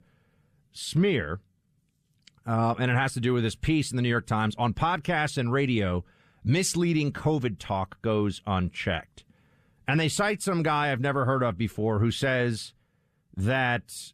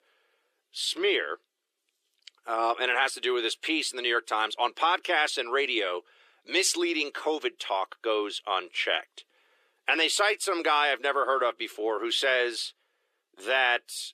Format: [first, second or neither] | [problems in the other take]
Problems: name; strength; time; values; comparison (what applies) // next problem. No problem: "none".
first | thin; very; fading below 350 Hz